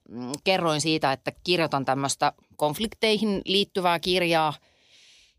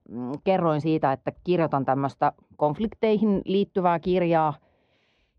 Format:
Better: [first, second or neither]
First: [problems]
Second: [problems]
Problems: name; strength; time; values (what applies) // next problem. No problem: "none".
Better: first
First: none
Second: muffled; very; fading above 1 kHz